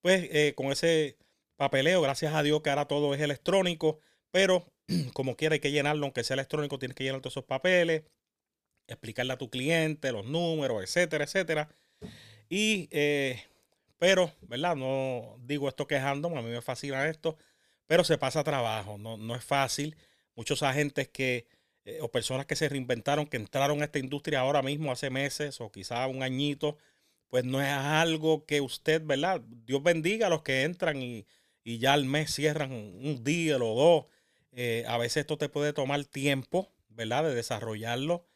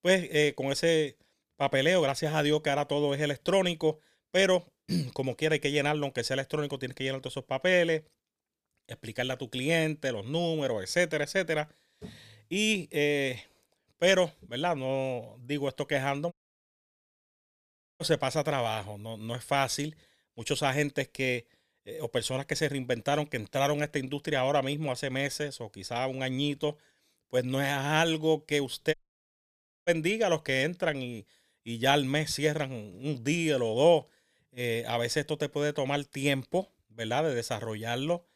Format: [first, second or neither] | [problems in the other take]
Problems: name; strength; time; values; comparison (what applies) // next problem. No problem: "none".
first | audio cutting out; at 16 s for 1.5 s and at 29 s for 1 s